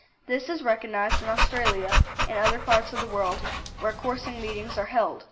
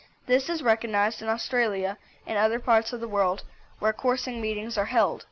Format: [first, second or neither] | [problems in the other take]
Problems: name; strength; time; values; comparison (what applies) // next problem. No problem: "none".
second | background sound (Dog); 2 dB above the speech // room echo; dies away in 0.7 s